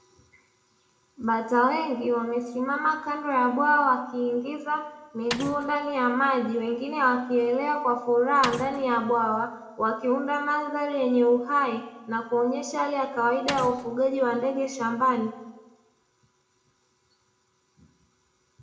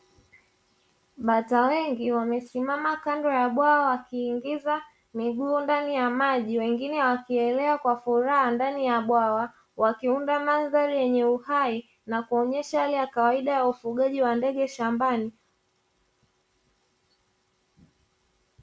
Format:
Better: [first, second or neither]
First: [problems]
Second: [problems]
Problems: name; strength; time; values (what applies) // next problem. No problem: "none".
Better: second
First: background sound (Mechanisms); 10 dB below the speech // room echo; dies away in 0.6 s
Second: none